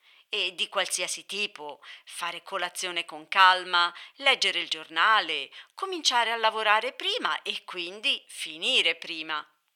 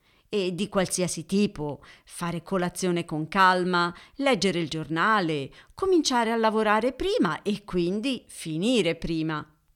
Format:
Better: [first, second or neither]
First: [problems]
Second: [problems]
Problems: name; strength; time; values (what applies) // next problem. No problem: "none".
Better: second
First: thin; very; fading below 800 Hz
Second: none